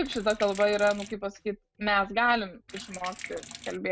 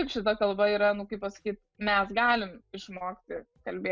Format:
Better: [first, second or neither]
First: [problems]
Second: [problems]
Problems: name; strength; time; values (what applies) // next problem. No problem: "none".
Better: second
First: background sound (Sink (filling or washing)); 14 dB below the speech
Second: none